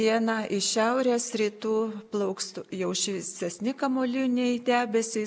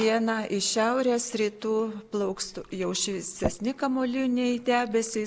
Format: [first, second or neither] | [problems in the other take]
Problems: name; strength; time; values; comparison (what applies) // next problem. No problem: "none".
first | background sound (Fill (with liquid) / Glass); 16 dB below the speech